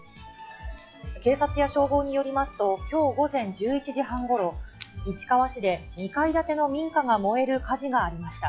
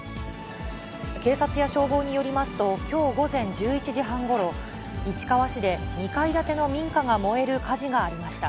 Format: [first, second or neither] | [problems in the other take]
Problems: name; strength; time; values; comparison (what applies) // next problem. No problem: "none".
second | noise reduction (classical method log-MMSE)